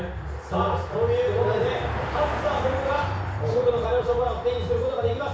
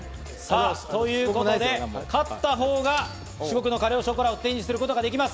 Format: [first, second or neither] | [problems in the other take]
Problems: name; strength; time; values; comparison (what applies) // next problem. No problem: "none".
second | background sound (Car passing by); 10 dB below the speech // room echo; dies away in 0.6 s